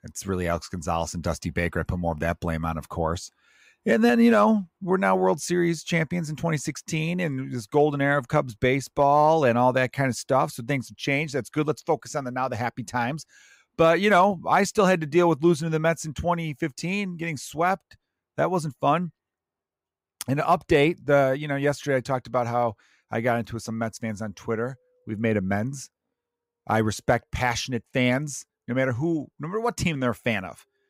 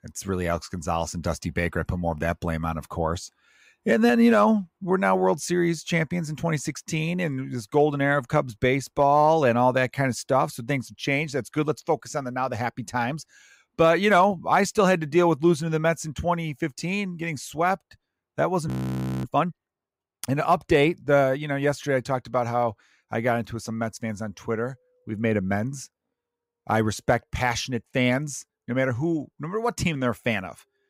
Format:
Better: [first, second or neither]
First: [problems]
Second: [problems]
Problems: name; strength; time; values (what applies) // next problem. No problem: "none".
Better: first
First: none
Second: audio freezing; at 19 s for 0.5 s